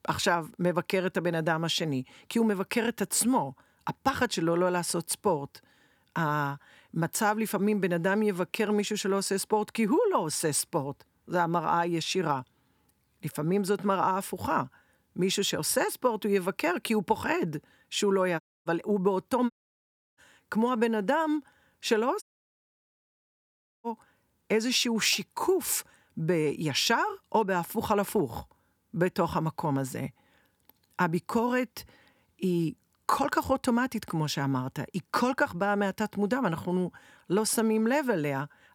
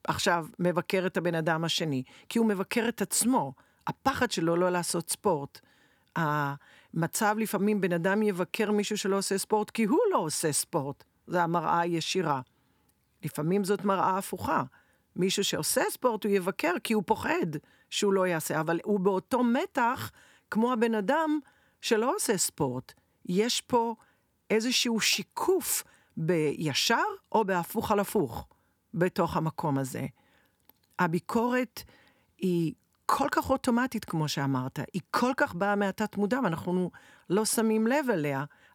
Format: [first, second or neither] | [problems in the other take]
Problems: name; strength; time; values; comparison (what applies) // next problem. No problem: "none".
second | audio cutting out; at 18 s, at 20 s for 0.5 s and at 22 s for 1.5 s